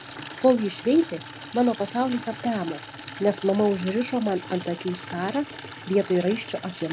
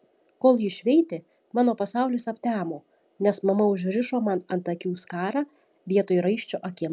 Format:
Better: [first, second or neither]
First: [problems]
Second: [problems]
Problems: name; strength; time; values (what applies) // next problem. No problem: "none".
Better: second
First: background sound (Water tap, faucet / Liquid); 14 dB below the speech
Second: none